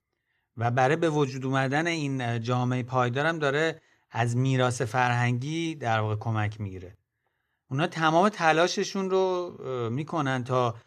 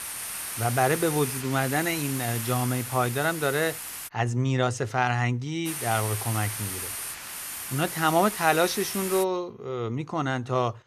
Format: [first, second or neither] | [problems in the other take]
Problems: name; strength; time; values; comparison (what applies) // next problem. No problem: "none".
first | hiss; loud; until 4 s and from 5.5 to 9 s; 6 dB below the speech